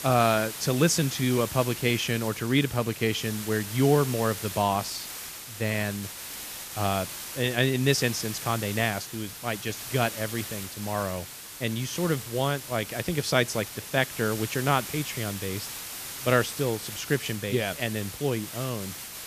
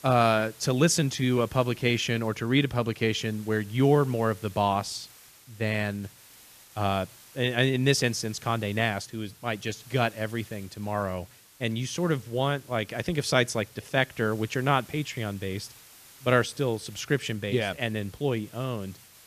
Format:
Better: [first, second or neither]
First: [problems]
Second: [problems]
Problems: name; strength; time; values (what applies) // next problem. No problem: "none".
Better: second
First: hiss; loud; throughout; 8 dB below the speech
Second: hiss; faint; throughout; 20 dB below the speech